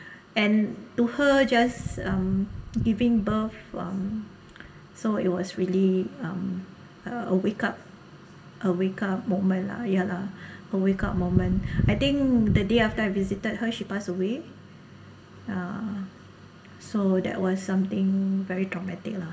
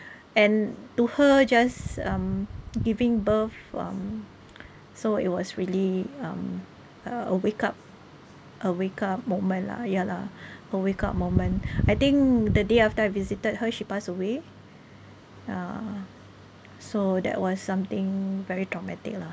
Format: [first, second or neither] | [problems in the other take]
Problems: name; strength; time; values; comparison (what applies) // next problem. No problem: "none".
second | room echo; dies away in 0.8 s